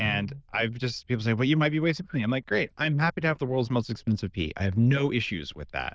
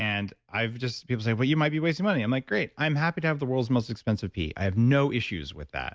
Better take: second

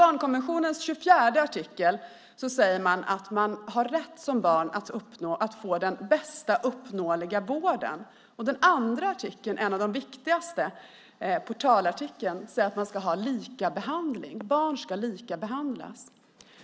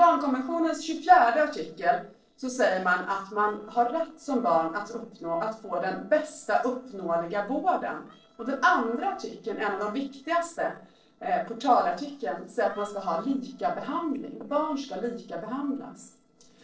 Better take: first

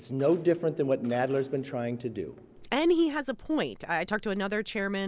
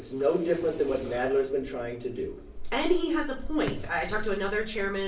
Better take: first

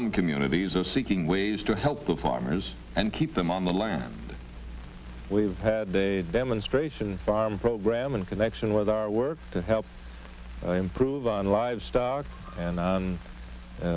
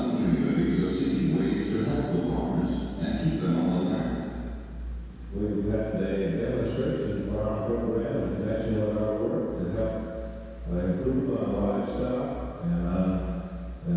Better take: first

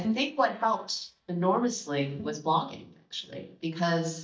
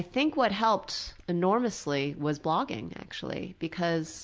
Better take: second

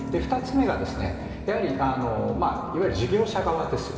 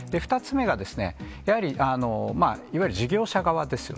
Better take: second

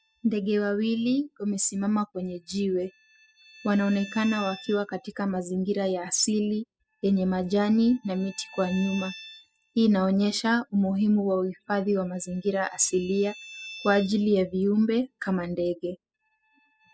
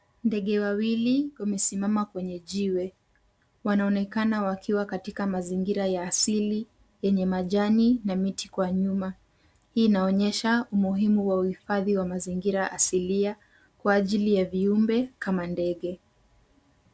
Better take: second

